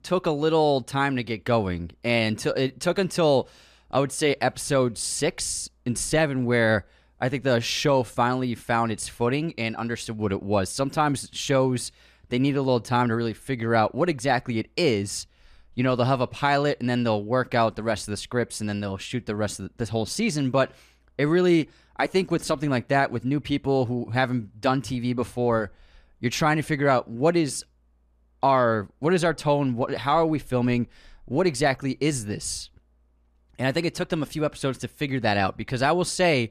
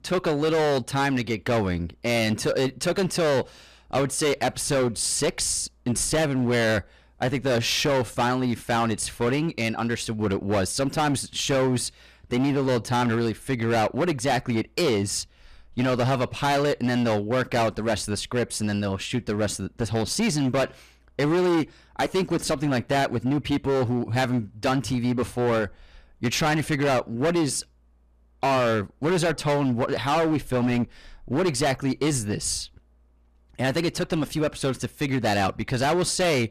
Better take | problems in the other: first | distortion; heavy; 16% of the sound clipped

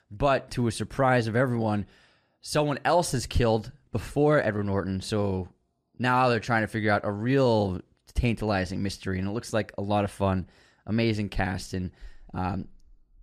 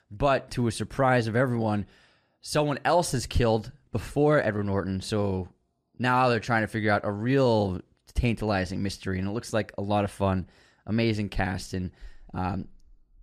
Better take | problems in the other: neither | none

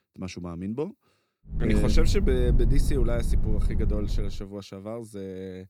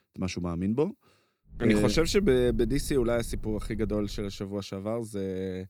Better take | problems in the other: second | low rumble; loud; from 1.5 to 4.5 s; 8 dB below the speech; faint in the second

